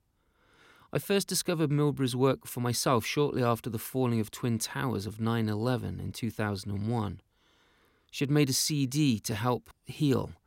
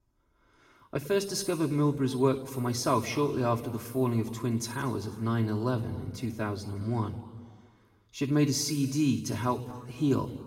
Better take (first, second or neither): first